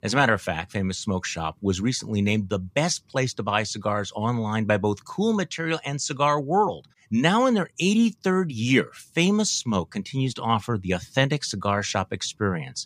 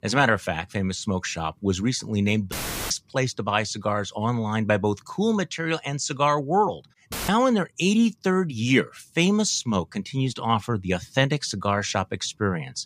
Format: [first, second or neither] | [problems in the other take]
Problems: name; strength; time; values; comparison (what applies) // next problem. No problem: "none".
first | audio cutting out; filled with static; at 2.5 s and at 7 s